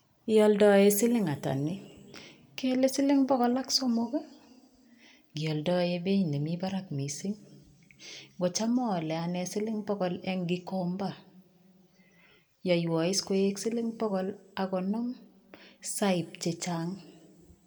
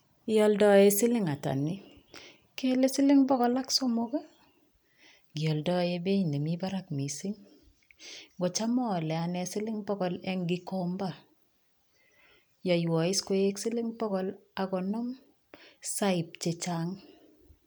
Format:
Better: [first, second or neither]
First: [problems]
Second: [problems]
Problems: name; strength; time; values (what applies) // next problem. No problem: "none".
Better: second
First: room echo; dies away in 1.4 s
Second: none